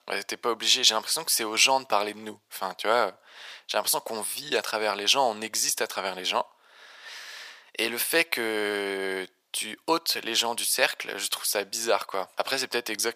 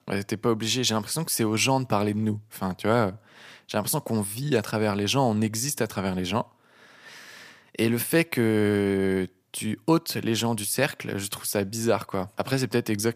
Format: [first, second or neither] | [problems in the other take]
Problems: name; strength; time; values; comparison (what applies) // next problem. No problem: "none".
second | thin; very; fading below 650 Hz